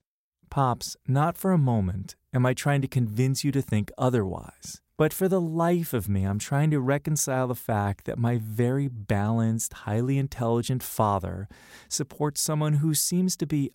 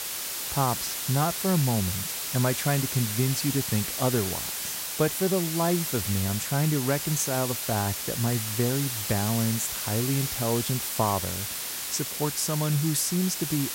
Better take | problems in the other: first | hiss; loud; throughout; 2 dB below the speech

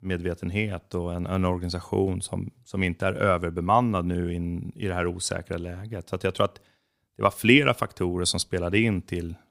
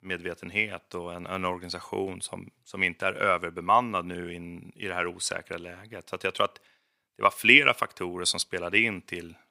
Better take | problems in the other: first | thin; somewhat; fading below 550 Hz

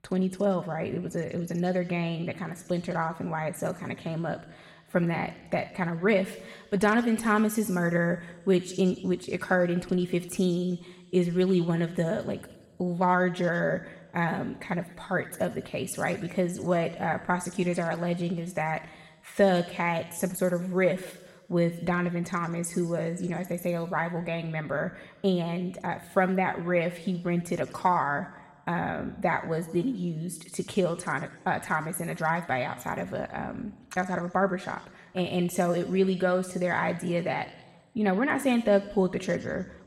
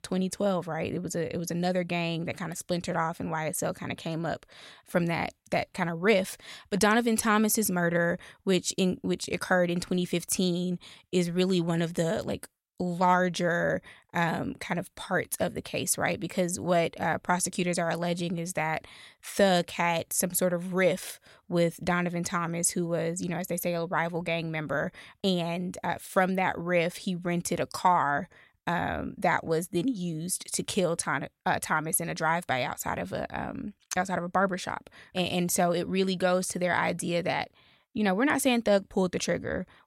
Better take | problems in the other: second | room echo; slight; dies away in 1.1 s

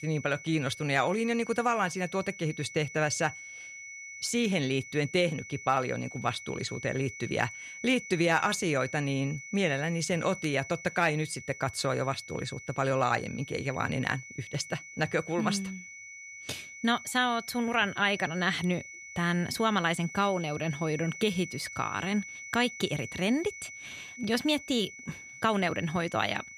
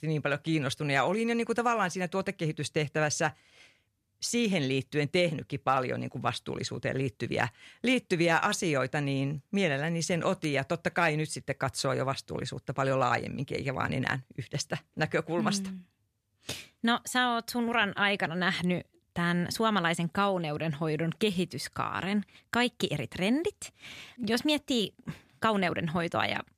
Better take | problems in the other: second | high-pitched whine; noticeable; throughout; 2 kHz, 15 dB below the speech

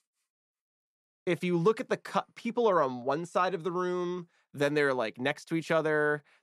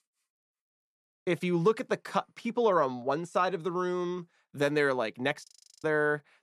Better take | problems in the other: first | audio freezing; at 5.5 s

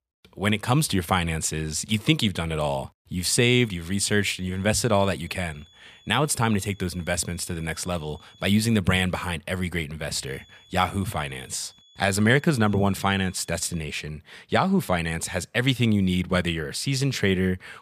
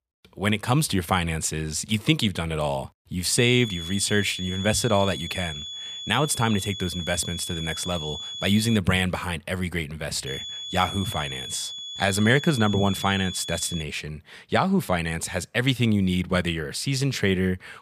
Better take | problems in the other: first | high-pitched whine; loud; from 3.5 to 9 s and from 10 to 14 s; 3.5 kHz, 8 dB below the speech; faint in the first

